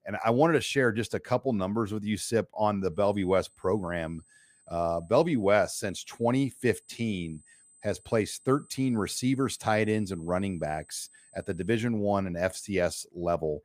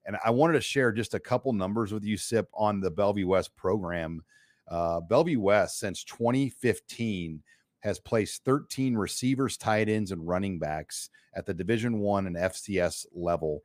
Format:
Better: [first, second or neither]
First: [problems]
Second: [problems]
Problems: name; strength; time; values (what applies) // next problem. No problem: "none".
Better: second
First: high-pitched whine; faint; from 3 to 12 s; 8 kHz, 30 dB below the speech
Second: none